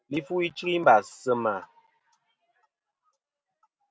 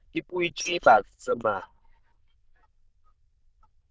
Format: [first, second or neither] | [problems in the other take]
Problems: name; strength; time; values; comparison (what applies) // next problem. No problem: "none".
first | noise reduction (neural diffusion model UNIVERSE++)